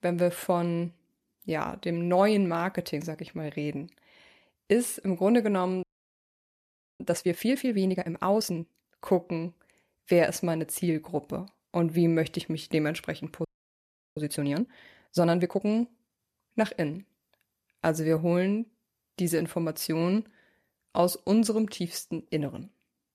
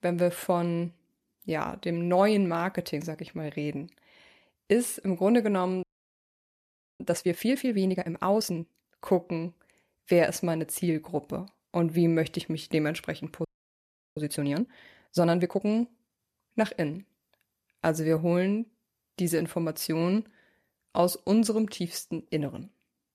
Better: neither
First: audio freezing; at 6 s for 1 s and at 13 s for 0.5 s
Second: audio freezing; at 6 s for 1 s and at 13 s for 0.5 s

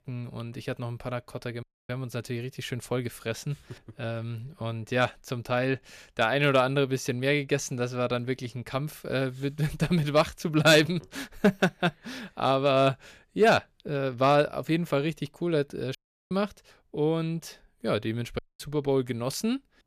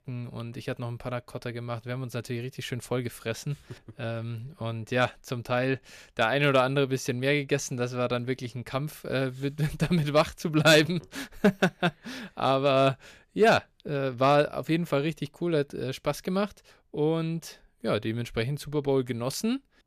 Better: second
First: audio cutting out; at 1.5 s, at 16 s and at 18 s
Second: none

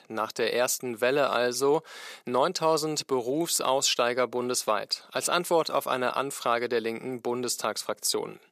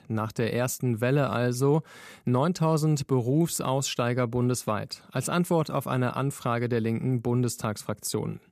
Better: second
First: thin; very; fading below 500 Hz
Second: none

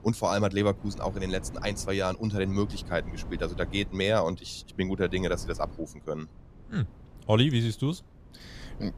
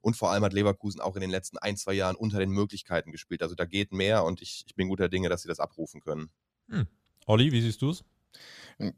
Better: second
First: wind noise on the microphone; occasional gusts; 20 dB below the speech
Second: none

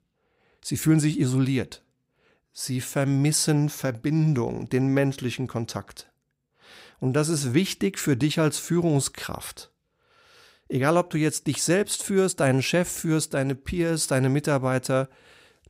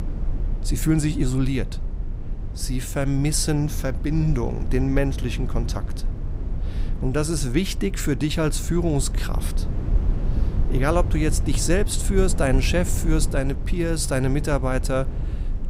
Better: first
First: none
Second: low rumble; noticeable; throughout; 15 dB below the speech

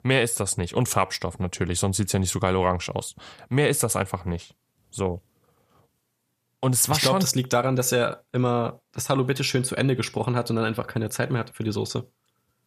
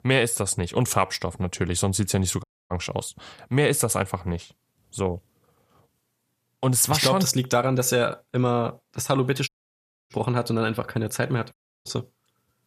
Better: first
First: none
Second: audio cutting out; at 2.5 s, at 9.5 s for 0.5 s and at 12 s

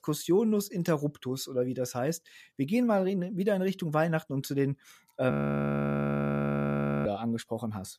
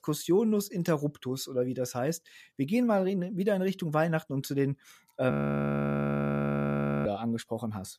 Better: neither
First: audio freezing; at 5.5 s for 1.5 s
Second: audio freezing; at 5.5 s for 1.5 s

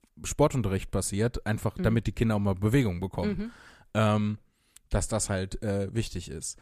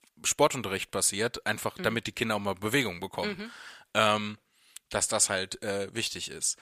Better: first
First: none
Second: thin; somewhat; fading below 1 kHz

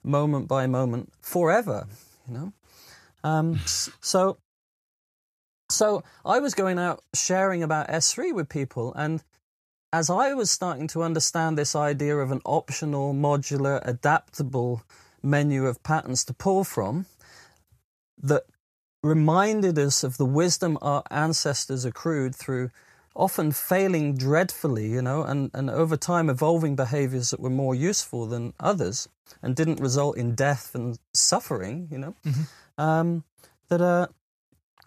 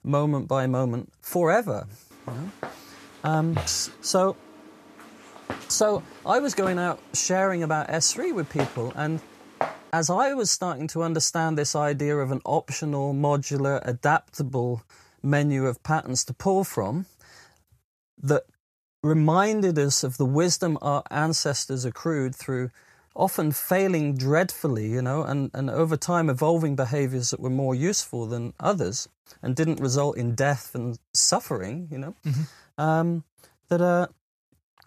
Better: first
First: none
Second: footsteps; noticeable; from 2.5 to 9.5 s; peak 6 dB below the speech

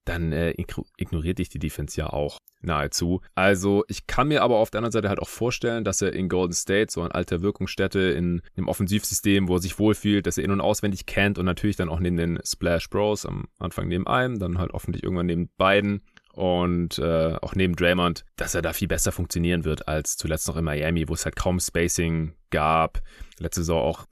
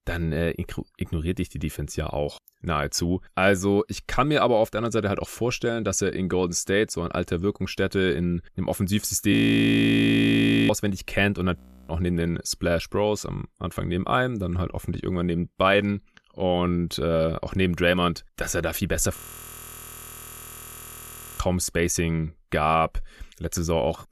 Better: first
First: none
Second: audio freezing; at 9.5 s for 1.5 s, at 12 s and at 19 s for 2 s

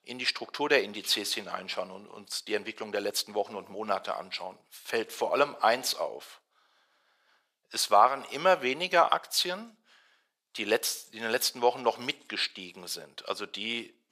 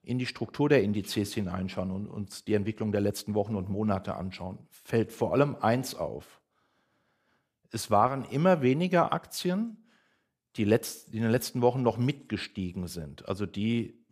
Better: second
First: thin; very; fading below 650 Hz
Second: none

